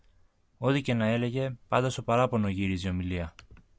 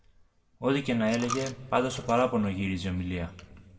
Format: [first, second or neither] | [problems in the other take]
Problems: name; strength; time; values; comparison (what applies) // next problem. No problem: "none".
first | background sound (Coin (dropping)); 15 dB below the speech // room echo; dies away in 1.5 s